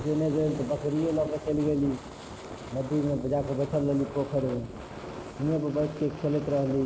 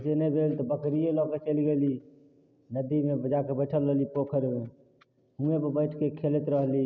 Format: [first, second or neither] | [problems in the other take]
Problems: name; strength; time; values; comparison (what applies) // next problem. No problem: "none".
second | background sound (Fire); 12 dB below the speech